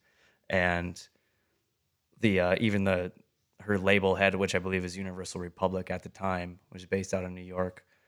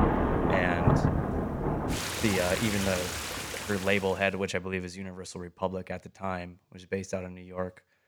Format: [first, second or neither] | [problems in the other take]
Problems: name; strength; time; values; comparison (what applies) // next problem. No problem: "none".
first | rain or running water; very loud; until 4 s; 2 dB above the speech